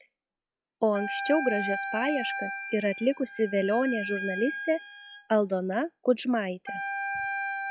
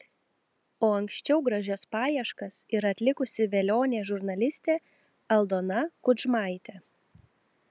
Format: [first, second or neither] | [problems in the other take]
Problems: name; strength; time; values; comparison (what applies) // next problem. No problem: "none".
second | noise reduction (classical method log-MMSE)